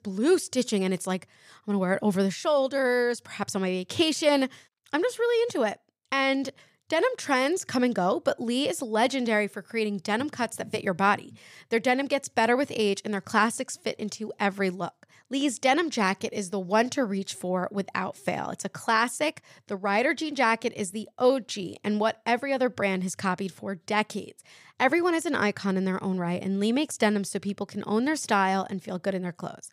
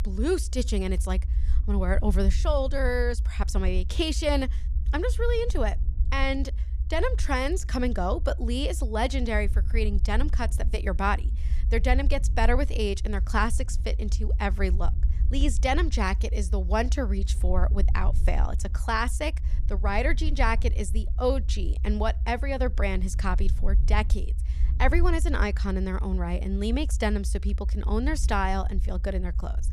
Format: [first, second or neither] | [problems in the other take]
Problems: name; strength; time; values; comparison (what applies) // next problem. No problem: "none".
first | low rumble; noticeable; throughout; 20 dB below the speech